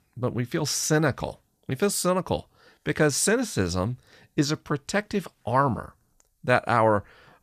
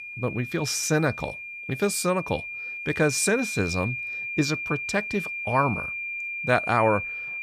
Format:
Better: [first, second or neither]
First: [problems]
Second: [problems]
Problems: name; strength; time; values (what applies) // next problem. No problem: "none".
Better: first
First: none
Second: high-pitched whine; loud; throughout; 2.5 kHz, 5 dB below the speech